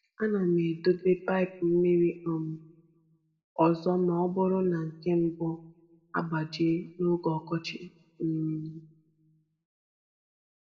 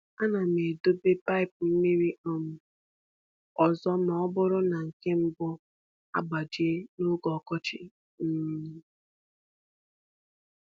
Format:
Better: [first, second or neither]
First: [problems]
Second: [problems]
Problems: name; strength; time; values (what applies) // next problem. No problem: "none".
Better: second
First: room echo; dies away in 0.7 s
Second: none